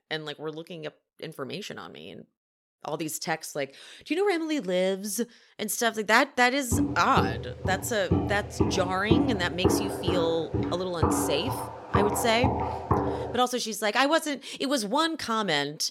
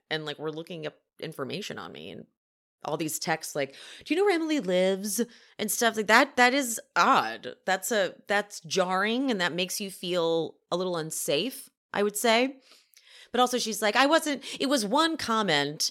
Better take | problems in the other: second | footsteps; loud; from 6.5 to 13 s; peak 2 dB above the speech

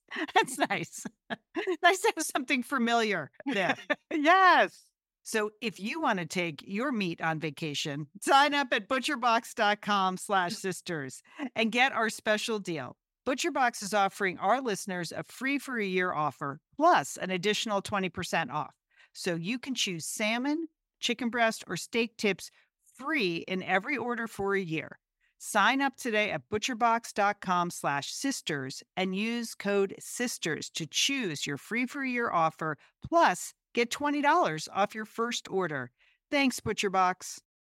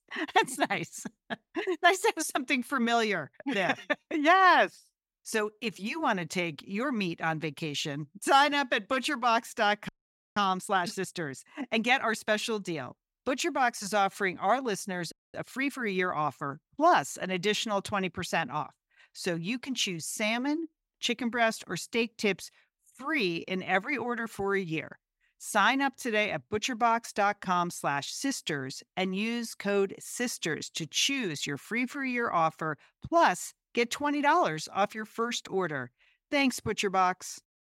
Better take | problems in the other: first | audio freezing; at 10 s and at 15 s

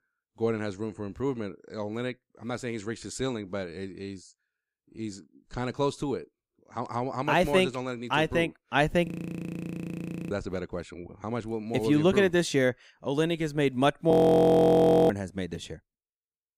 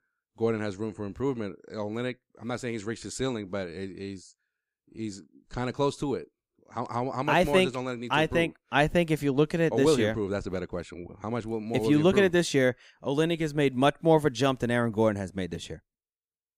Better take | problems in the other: second | audio freezing; at 9 s for 1 s and at 14 s for 1 s

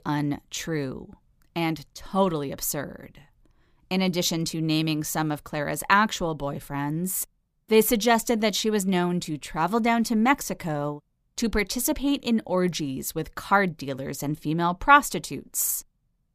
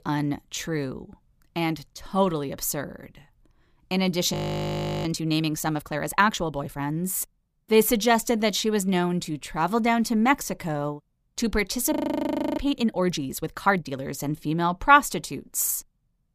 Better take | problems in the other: first | audio freezing; at 4.5 s for 0.5 s and at 12 s for 0.5 s

